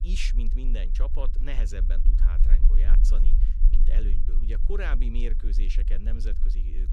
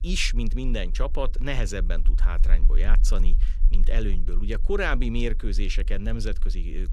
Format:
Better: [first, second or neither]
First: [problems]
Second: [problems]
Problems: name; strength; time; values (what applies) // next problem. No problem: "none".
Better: second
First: low rumble; loud; throughout; 9 dB below the speech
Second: low rumble; faint; throughout; 20 dB below the speech